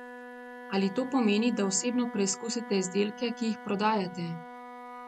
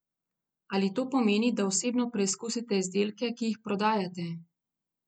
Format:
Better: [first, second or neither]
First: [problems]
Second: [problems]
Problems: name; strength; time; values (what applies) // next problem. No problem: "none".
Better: second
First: background sound (Wind instrument, woodwind instrument); 14 dB below the speech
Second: none